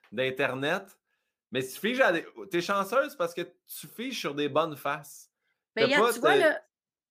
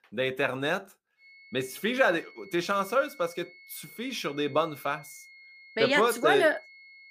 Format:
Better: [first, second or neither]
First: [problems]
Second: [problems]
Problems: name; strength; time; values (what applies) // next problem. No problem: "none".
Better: first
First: none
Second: high-pitched whine; faint; from 1 s on; 2 kHz, 25 dB below the speech